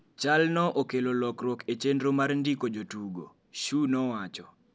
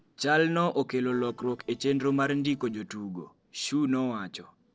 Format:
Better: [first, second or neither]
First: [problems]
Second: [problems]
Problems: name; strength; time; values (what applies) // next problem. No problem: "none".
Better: first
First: none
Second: noise reduction (neural separator model SepFormer DNS4)